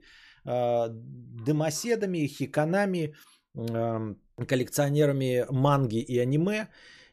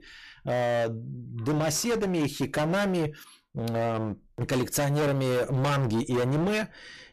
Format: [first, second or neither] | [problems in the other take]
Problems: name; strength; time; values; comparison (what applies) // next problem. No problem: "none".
first | distortion; heavy; 25% of the sound clipped